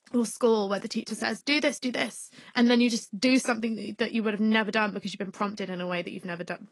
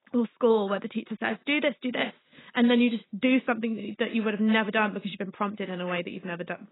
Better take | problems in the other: first | garbled, watery; badly; nothing above 4 kHz; slightly in the first

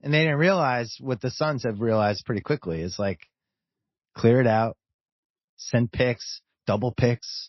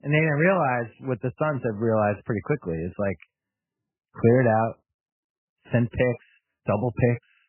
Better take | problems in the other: first | garbled, watery; badly; nothing above 2.5 kHz; slightly in the first

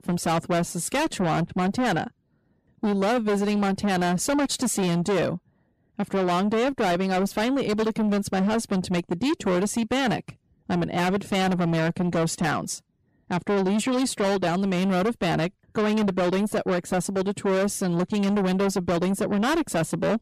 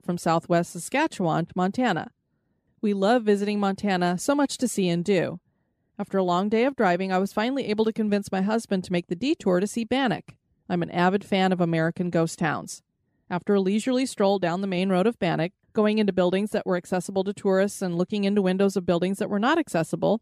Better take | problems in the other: second | distortion; heavy; 6 dB below the speech

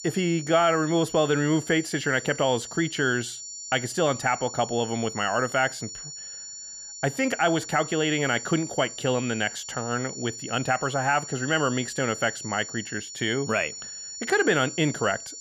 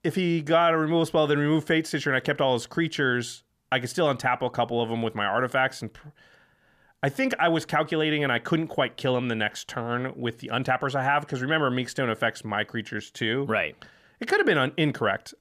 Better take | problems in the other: second | high-pitched whine; noticeable; throughout; 7 kHz, 10 dB below the speech

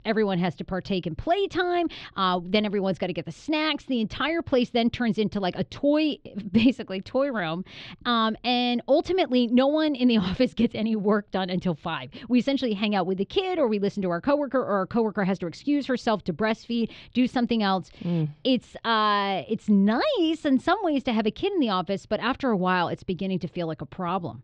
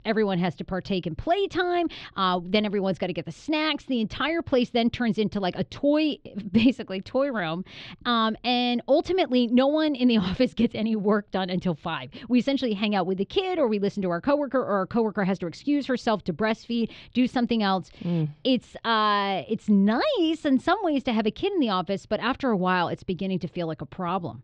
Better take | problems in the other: neither | muffled; slightly; fading above 4 kHz; the same in both

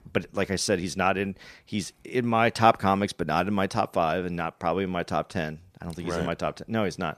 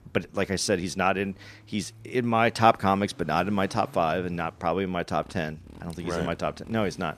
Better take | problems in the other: first | traffic noise; faint; throughout; 25 dB below the speech

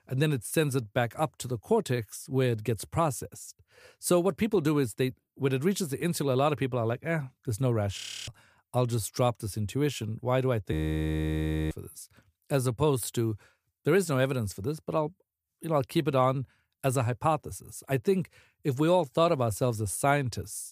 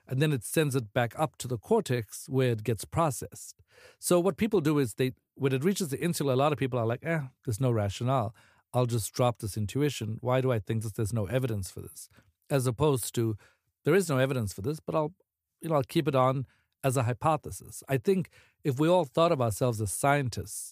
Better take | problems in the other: second | audio freezing; at 8 s and at 11 s for 1 s

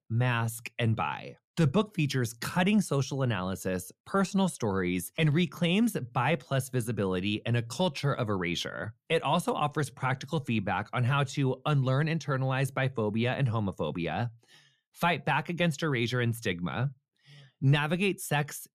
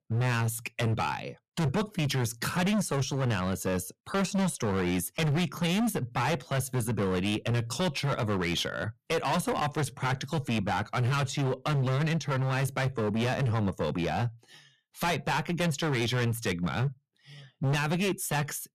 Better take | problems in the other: first | distortion; heavy; 21% of the sound clipped

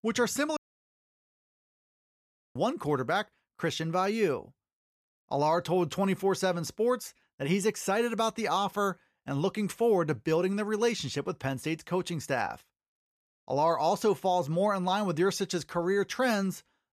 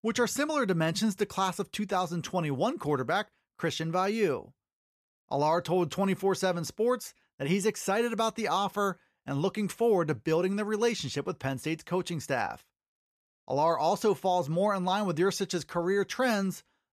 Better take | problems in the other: second | audio cutting out; at 0.5 s for 2 s

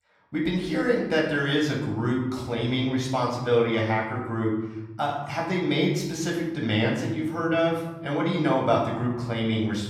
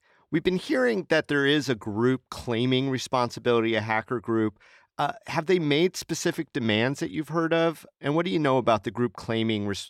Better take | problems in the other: second | off-mic speech; far // room echo; noticeable; dies away in 1.4 s

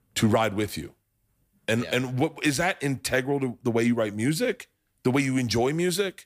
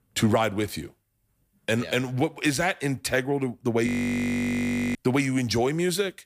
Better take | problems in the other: first | audio freezing; at 4 s for 1 s

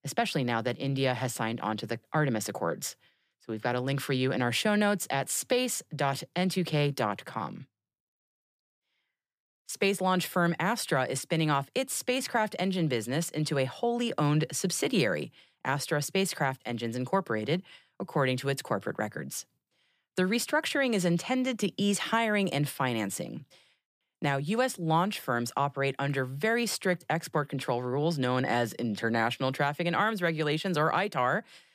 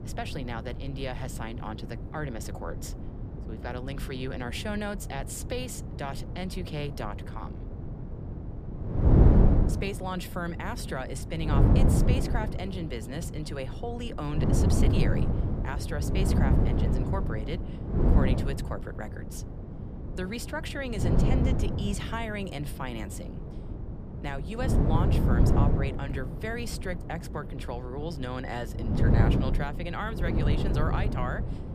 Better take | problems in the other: first | wind noise on the microphone; heavy; 2 dB below the speech

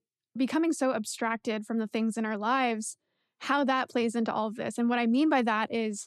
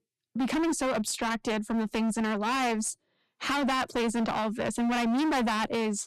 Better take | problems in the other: first | distortion; heavy; 27% of the sound clipped

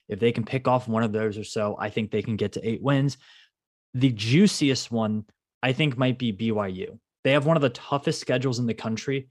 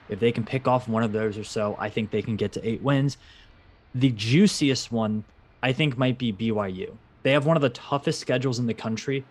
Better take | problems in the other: first | train or aircraft noise; faint; throughout; 30 dB below the speech

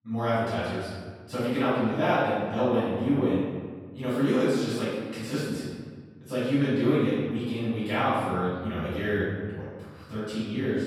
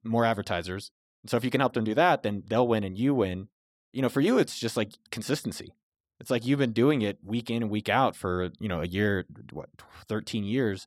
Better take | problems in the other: second | off-mic speech; far // room echo; strong; dies away in 1.5 s

